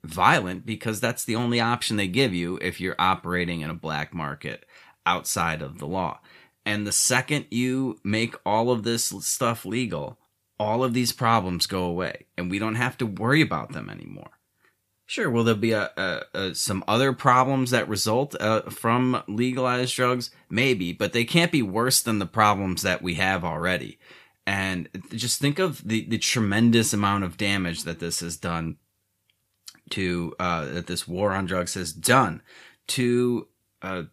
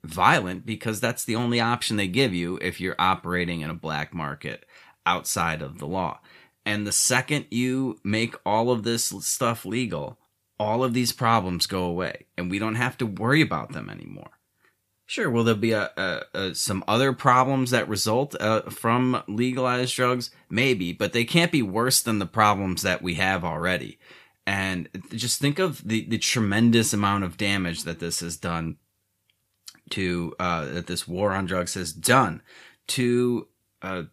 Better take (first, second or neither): neither